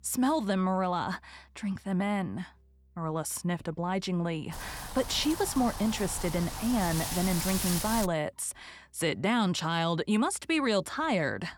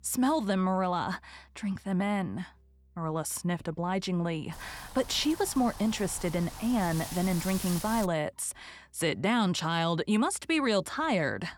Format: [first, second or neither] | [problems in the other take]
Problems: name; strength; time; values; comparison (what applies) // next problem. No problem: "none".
second | wind noise on the microphone; heavy; from 4.5 to 8 s; 6 dB below the speech; occasional gusts in the second